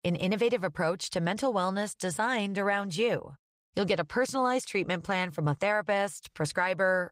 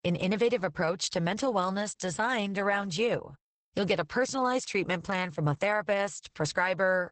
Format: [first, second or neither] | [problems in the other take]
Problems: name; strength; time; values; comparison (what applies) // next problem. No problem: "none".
first | garbled, watery; badly; nothing above 8 kHz; slightly in the first